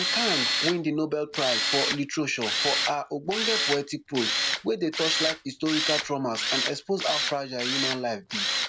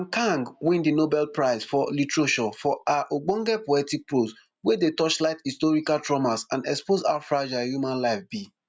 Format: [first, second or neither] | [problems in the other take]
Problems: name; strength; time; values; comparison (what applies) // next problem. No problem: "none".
second | background sound (Tools); as loud as the speech